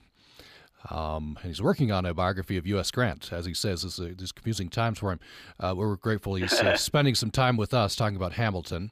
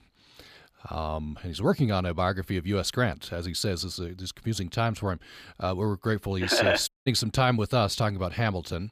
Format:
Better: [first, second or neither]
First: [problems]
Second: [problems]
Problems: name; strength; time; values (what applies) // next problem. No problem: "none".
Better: first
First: none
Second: audio cutting out; at 7 s